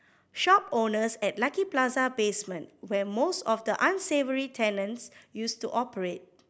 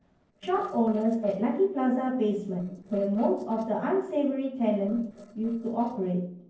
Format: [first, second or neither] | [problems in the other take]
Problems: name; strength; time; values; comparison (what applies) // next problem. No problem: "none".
first | noise reduction (neural separator model SepFormer DNS4)